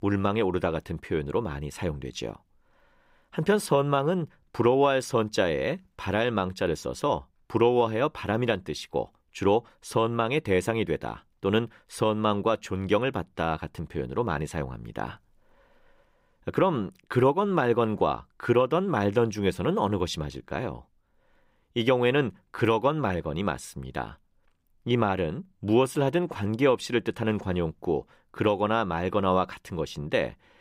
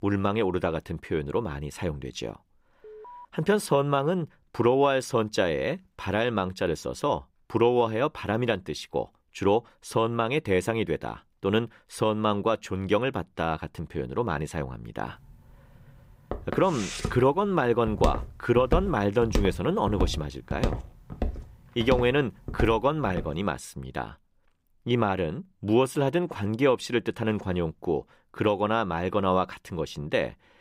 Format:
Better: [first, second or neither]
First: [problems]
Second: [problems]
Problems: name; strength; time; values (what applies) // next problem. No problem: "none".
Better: first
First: none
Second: alarm; faint; at 3 s; peak 20 dB below the speech // footsteps; noticeable; from 16 to 23 s; peak 4 dB below the speech